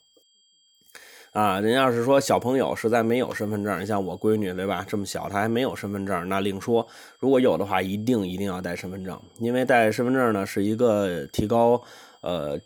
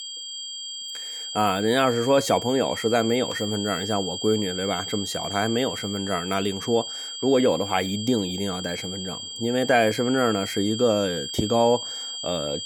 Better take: first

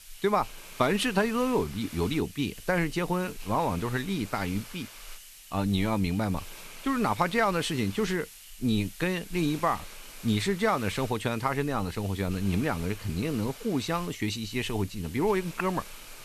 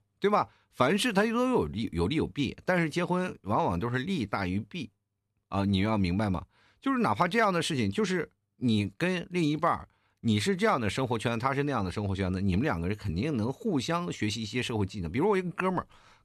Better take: second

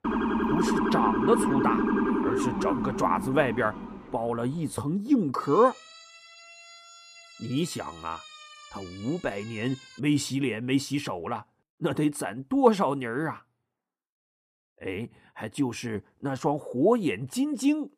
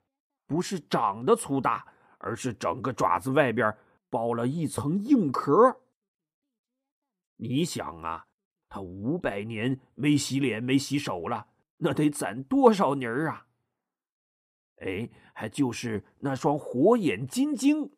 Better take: second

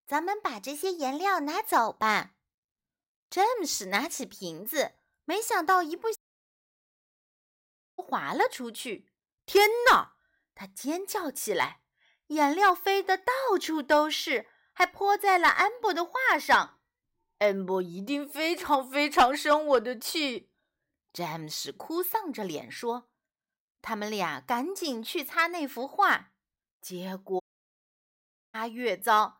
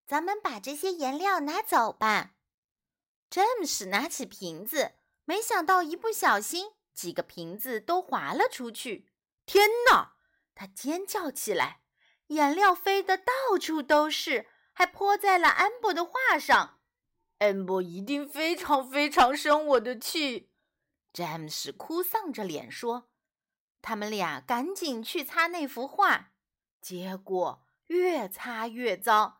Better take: second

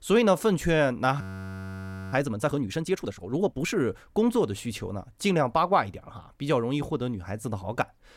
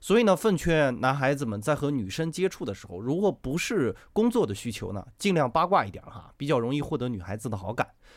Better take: second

